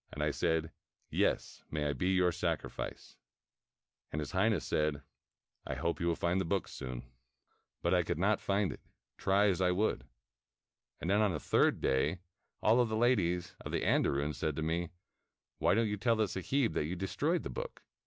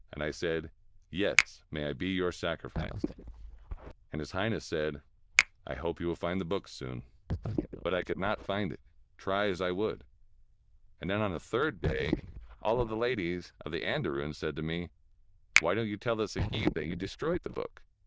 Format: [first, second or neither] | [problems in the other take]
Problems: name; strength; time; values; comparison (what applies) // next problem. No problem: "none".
first | noise reduction (neural diffusion model UNIVERSE++)